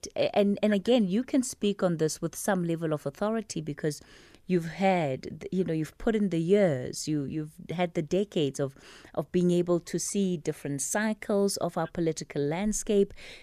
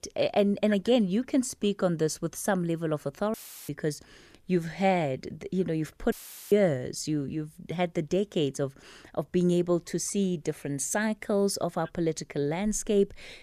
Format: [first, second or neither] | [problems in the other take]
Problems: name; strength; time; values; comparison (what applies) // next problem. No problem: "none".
first | audio cutting out; filled with static; at 3.5 s and at 6 s